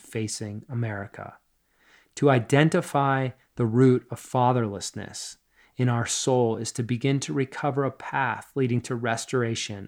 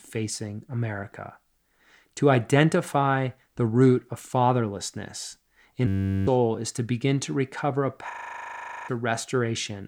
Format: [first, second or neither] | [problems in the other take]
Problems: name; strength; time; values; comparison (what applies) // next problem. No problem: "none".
first | audio freezing; at 6 s and at 8 s for 1 s